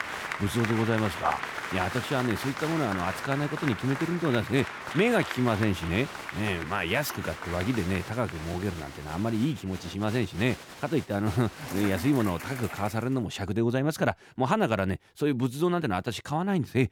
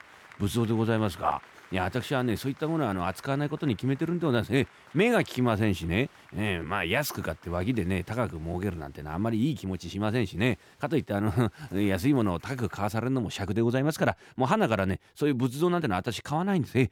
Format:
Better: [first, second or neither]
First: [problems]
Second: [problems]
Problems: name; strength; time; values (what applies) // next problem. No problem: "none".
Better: second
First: crowd noise; loud; until 13 s; 8 dB below the speech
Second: crowd noise; faint; until 13 s; 25 dB below the speech